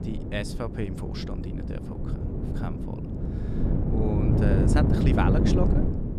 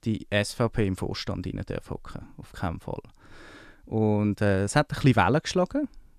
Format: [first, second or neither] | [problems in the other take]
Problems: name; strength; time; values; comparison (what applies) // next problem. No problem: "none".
second | wind noise on the microphone; heavy; as loud as the speech